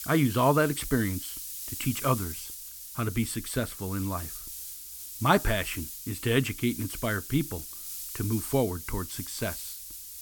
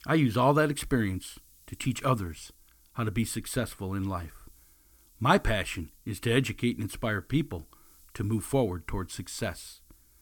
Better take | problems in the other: second | hiss; loud; throughout; 8 dB below the speech; faint in the second

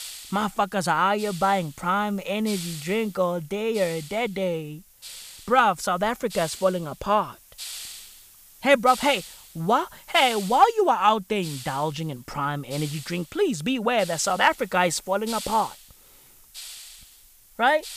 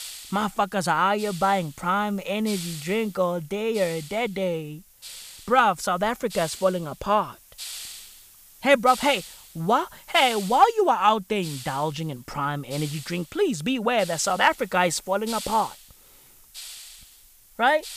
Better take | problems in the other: neither | hiss; noticeable; throughout; 15 dB below the speech; the same in both

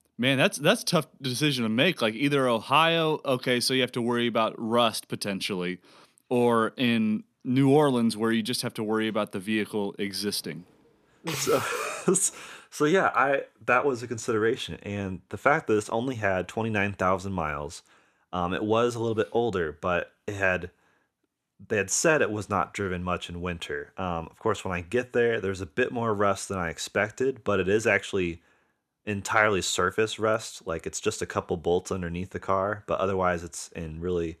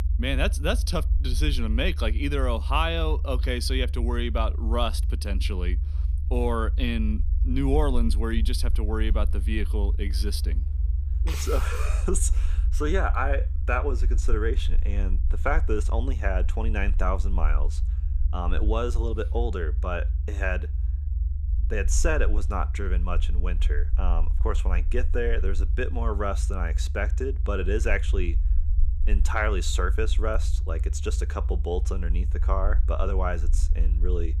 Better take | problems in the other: first | low rumble; noticeable; throughout; 15 dB below the speech

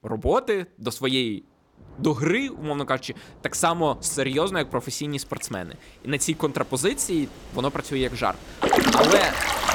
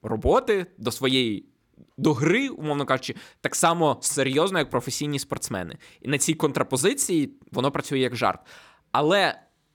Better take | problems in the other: second | rain or running water; very loud; throughout; 5 dB above the speech

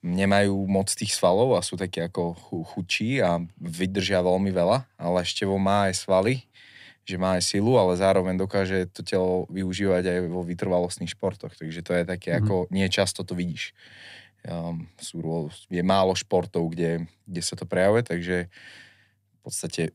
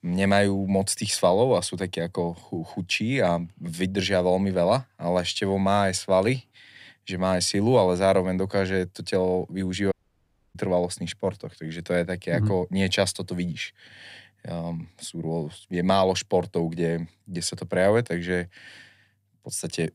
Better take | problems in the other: first | audio cutting out; at 10 s for 0.5 s

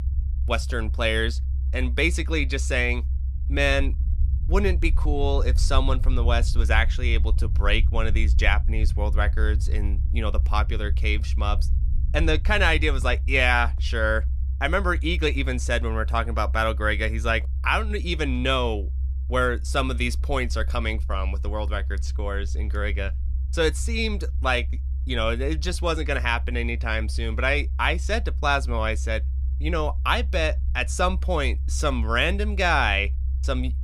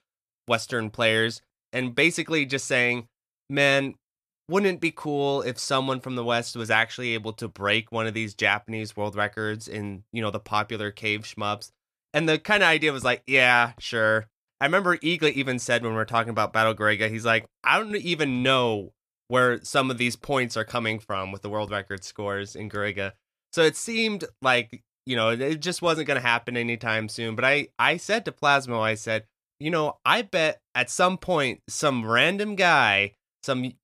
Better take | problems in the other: second | low rumble; faint; throughout; 20 dB below the speech

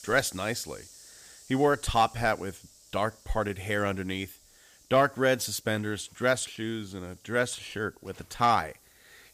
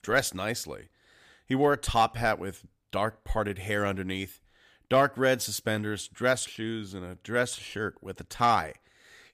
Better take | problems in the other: second | hiss; faint; throughout; 25 dB below the speech

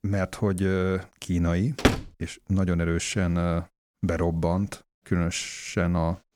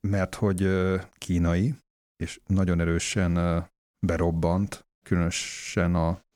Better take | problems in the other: second | door banging; loud; at 2 s; peak 3 dB above the speech

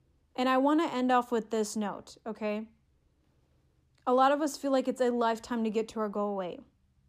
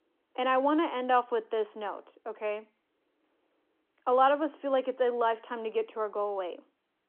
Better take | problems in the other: first | phone-call audio

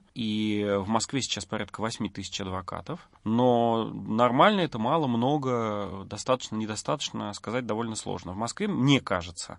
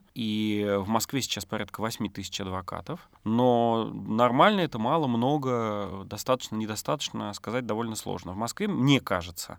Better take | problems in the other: second | garbled, watery; slightly; nothing above 10.5 kHz

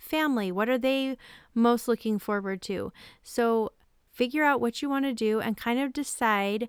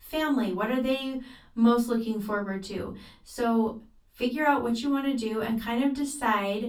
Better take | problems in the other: first | off-mic speech; far // room echo; very slight; dies away in 0.2 s

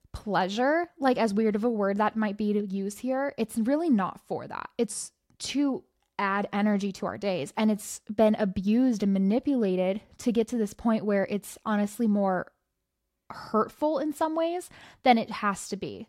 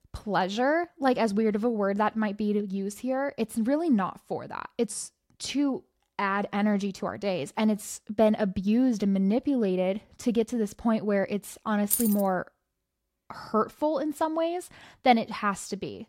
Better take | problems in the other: first | jangling keys; loud; at 12 s; peak level with the speech

